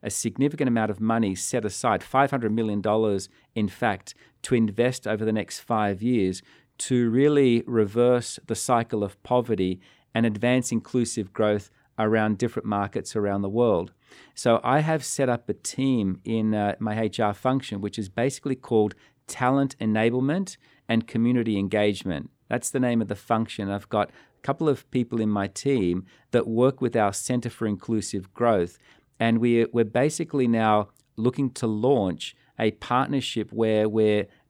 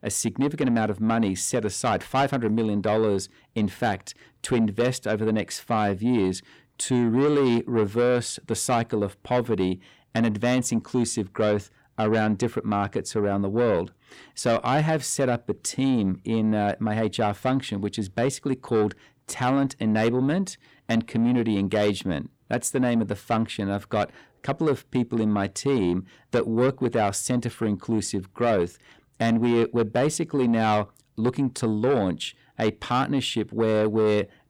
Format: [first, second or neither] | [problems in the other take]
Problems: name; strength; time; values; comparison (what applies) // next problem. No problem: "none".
first | distortion; slight; 10 dB below the speech